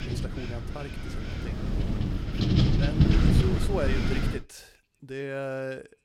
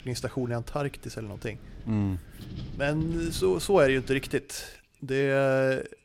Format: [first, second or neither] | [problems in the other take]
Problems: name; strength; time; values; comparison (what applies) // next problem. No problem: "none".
second | wind noise on the microphone; heavy; until 4.5 s; 2 dB above the speech; occasional gusts in the second